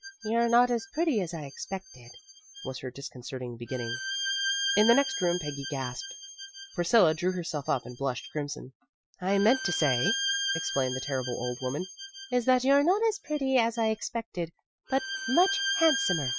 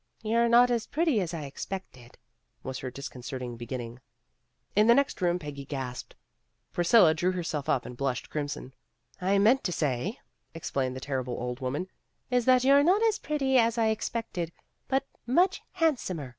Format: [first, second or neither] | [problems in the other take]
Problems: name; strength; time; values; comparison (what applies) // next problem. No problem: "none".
second | noise reduction (classical method Wiener filter)